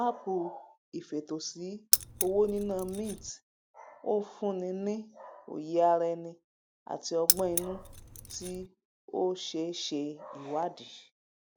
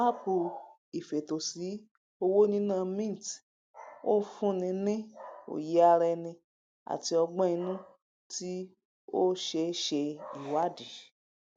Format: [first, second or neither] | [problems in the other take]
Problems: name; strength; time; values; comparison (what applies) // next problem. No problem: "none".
second | background sound (Keys jangling); 2 dB above the speech